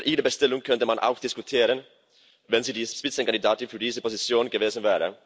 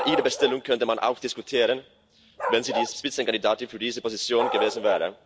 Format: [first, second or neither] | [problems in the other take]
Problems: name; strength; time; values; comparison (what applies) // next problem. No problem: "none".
first | background sound (Bark); 7 dB below the speech